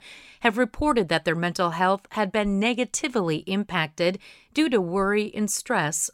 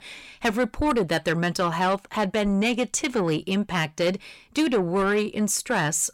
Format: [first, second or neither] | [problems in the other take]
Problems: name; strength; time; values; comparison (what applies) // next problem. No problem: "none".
first | distortion; slight; 10 dB below the speech